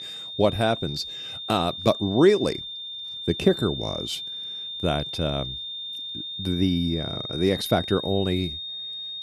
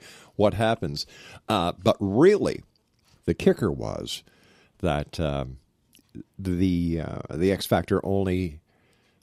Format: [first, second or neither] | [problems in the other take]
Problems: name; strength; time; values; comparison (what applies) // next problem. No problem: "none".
second | high-pitched whine; loud; throughout; 3.5 kHz, 7 dB below the speech